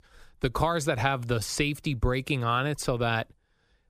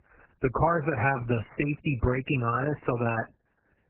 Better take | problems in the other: first | garbled, watery; badly; nothing above 3 kHz

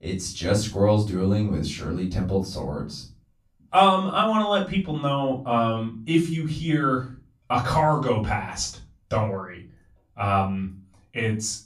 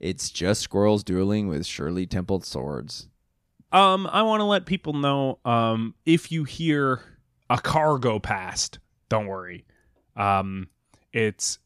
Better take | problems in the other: second | off-mic speech; far // room echo; slight; dies away in 0.3 s

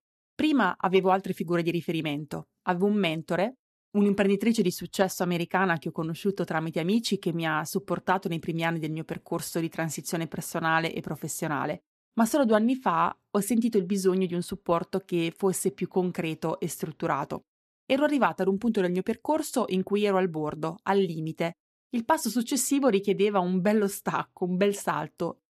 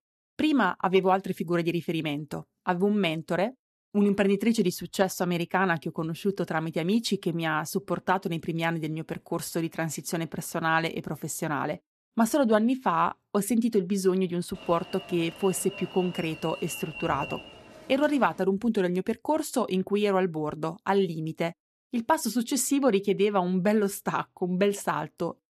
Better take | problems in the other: first | alarm; noticeable; from 15 to 18 s; peak 9 dB below the speech

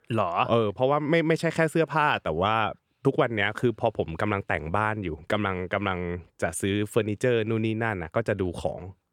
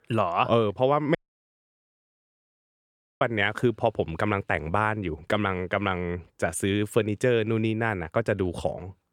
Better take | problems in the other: first | audio cutting out; at 1 s for 2 s

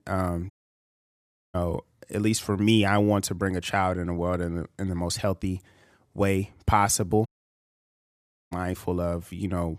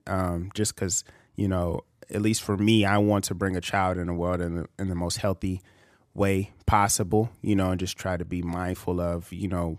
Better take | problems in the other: second | audio cutting out; at 0.5 s for 1 s and at 7.5 s for 1.5 s

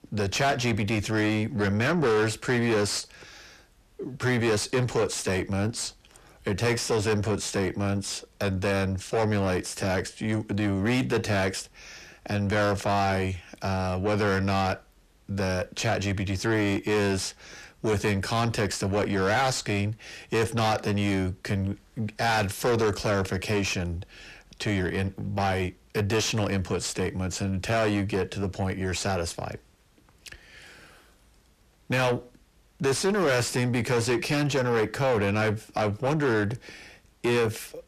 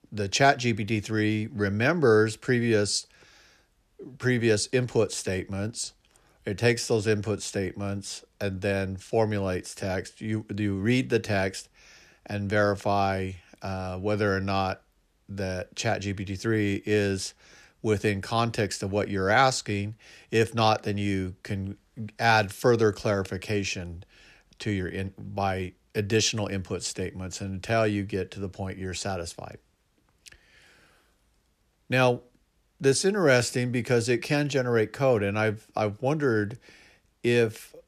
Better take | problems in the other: second | distortion; heavy; 6 dB below the speech

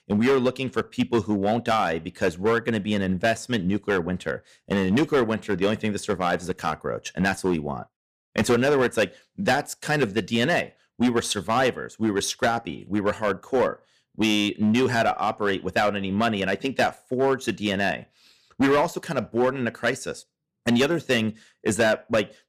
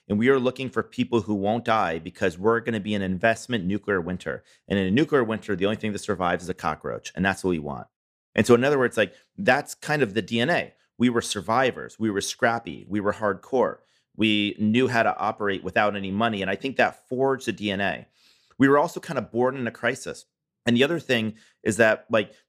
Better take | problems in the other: second | distortion; slight; 6% of the sound clipped

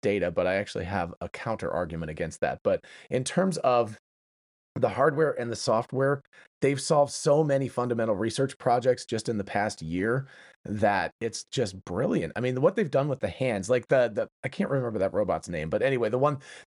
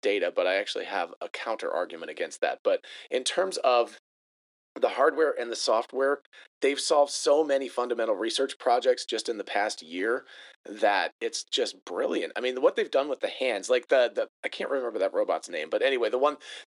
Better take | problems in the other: first | thin; somewhat; fading below 300 Hz

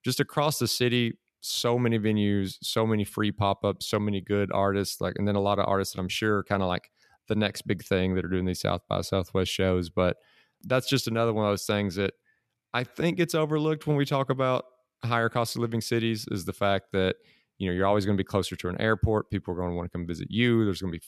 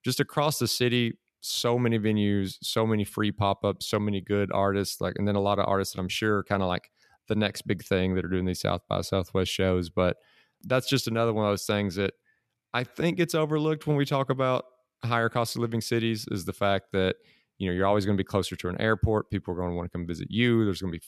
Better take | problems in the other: neither | none

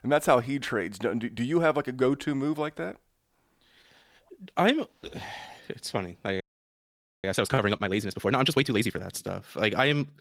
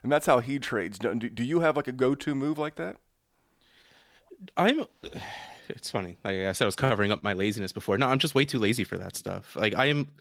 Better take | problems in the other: second | audio freezing; at 6.5 s for 1 s

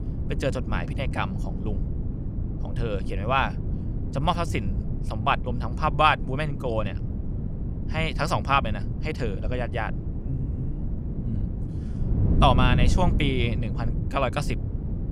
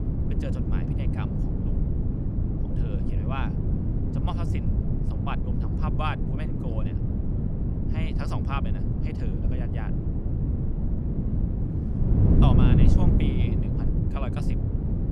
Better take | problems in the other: first | wind noise on the microphone; heavy; 1 dB above the speech; occasional gusts in the first

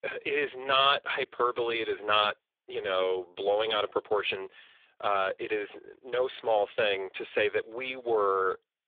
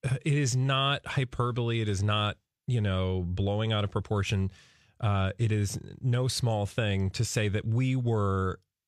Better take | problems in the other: second | phone-call audio; poor line; nothing above 3.5 kHz

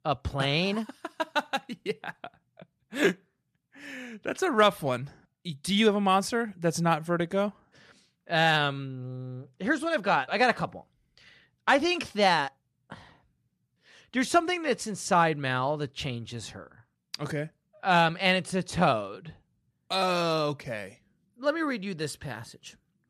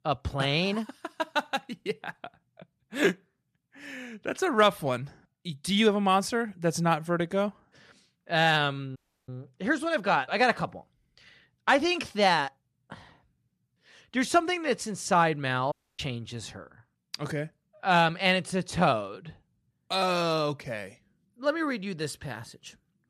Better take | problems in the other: first | audio cutting out; at 9 s and at 16 s

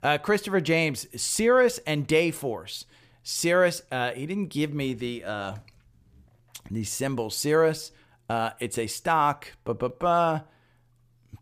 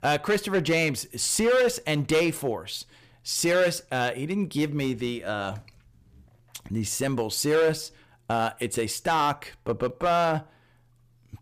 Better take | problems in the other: first | distortion; slight; 6% of the sound clipped

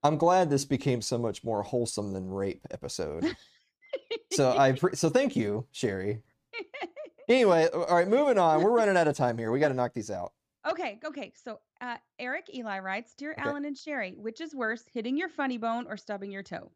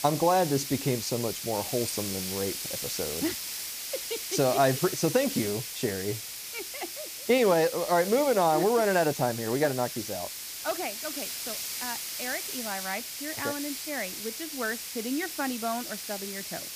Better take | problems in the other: first | hiss; loud; throughout; 5 dB below the speech

